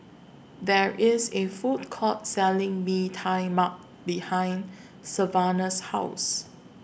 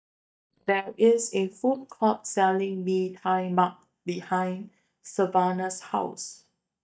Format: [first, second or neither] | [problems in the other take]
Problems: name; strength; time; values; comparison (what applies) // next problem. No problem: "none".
first | noise reduction (neural mask model DeepFilterNet 3)